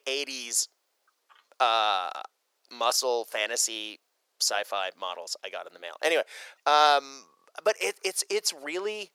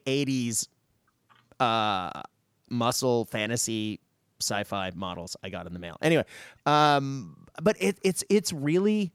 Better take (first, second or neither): second